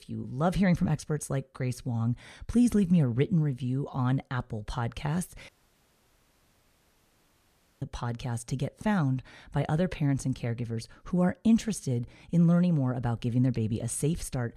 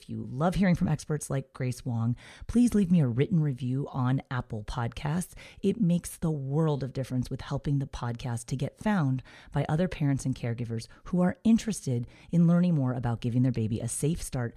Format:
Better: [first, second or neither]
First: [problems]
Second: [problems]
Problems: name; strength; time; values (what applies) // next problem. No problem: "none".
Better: second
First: audio cutting out; at 5.5 s for 2.5 s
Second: none